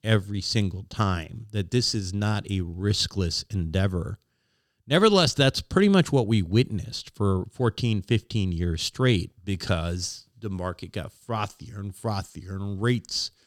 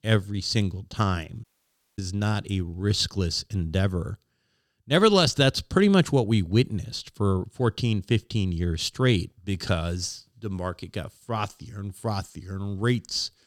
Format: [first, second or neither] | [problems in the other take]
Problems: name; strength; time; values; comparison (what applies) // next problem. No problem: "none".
first | audio cutting out; at 1.5 s for 0.5 s